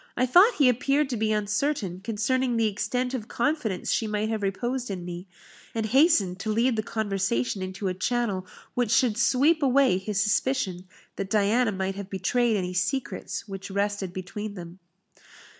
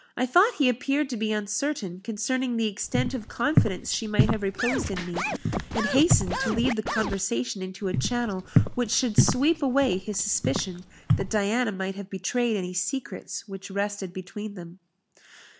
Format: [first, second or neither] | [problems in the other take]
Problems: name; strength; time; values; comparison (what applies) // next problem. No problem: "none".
first | background sound (Scratching (performance technique) + Walk, footsteps); as loud as the speech